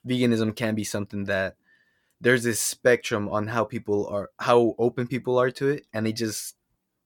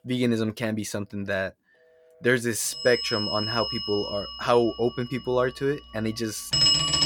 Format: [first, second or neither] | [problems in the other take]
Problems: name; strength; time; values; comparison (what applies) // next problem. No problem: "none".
first | alarms or sirens; very loud; throughout; 2 dB above the speech